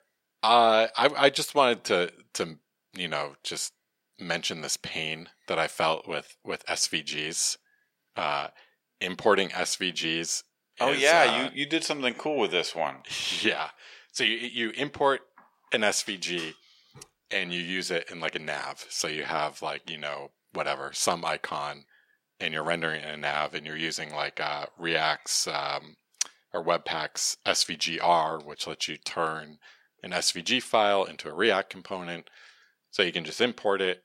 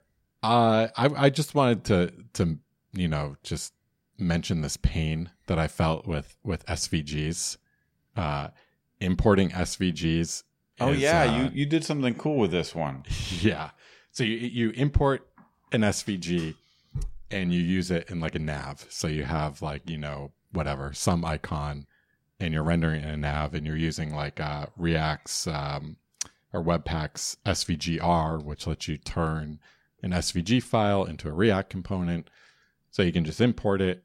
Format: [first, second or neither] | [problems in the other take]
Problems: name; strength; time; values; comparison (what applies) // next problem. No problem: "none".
second | thin; very; fading below 500 Hz